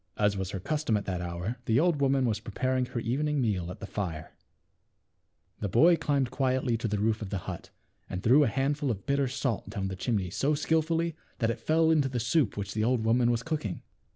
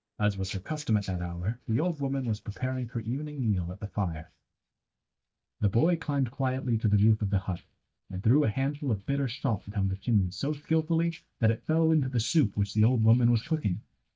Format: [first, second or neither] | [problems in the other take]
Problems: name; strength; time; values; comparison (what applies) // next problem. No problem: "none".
first | noise reduction (neural mask model DeepFilterNet 3)